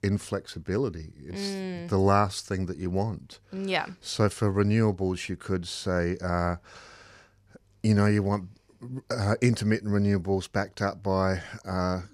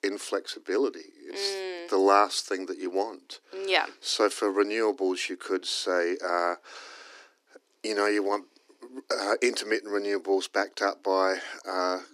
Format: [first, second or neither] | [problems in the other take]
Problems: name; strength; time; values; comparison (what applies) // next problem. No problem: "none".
first | thin; very; fading below 300 Hz